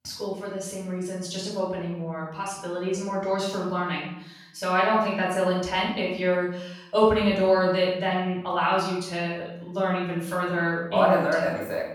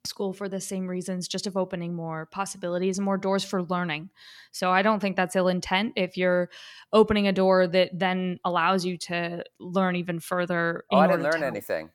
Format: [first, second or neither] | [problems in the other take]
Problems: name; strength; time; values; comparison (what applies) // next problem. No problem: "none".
second | off-mic speech; far // room echo; noticeable; dies away in 0.7 s